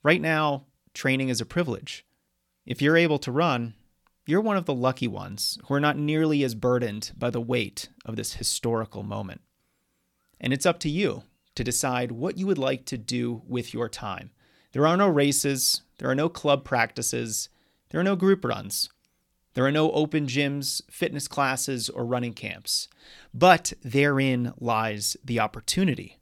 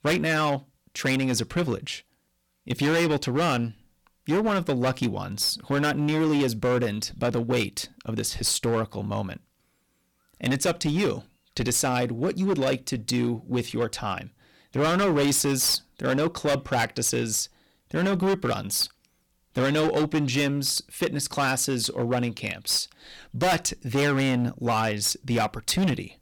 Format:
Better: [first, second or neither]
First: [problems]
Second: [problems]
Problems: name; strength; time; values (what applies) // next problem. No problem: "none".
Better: first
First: none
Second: distortion; heavy; 12% of the sound clipped